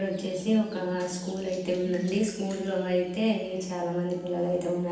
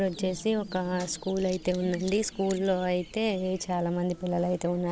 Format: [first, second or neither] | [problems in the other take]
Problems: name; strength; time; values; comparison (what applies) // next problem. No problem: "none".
second | room echo; dies away in 0.9 s